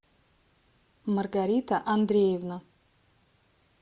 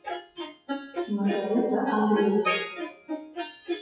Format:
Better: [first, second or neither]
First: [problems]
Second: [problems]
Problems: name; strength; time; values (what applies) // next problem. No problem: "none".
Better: first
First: none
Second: noise reduction (classical method WPE with log-MMSE)